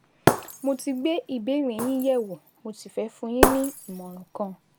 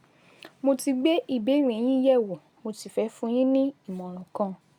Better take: second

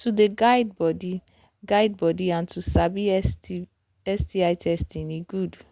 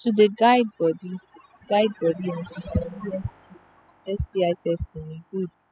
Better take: first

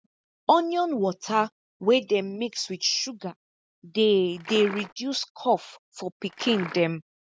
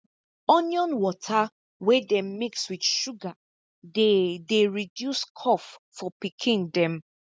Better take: second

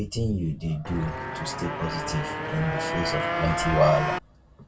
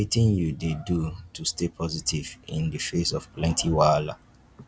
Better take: second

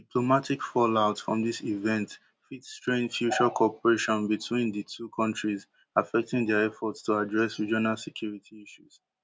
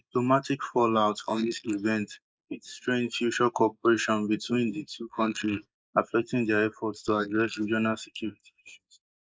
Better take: first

